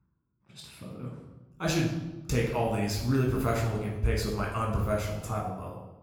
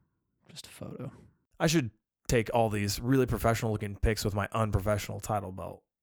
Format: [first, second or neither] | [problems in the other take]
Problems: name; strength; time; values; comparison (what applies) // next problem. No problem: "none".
second | off-mic speech; far // room echo; noticeable; dies away in 0.9 s